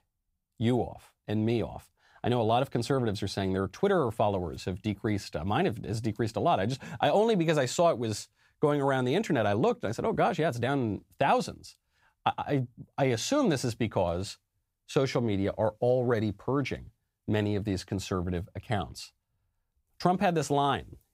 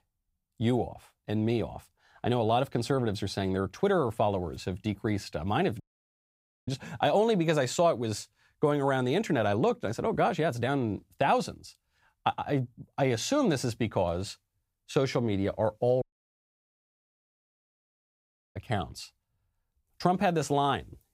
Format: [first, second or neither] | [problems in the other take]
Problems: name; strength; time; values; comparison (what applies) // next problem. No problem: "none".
first | audio cutting out; at 6 s for 1 s and at 16 s for 2.5 s